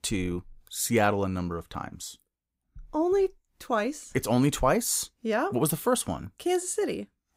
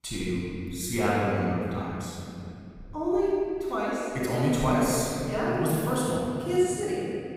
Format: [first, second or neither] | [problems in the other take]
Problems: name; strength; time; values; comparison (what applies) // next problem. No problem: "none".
first | off-mic speech; far // room echo; strong; dies away in 2.9 s